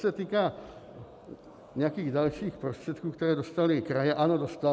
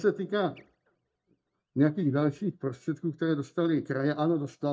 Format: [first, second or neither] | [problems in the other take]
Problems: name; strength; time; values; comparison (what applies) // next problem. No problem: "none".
first | noise reduction (neural mask model DeepFilterNet 3)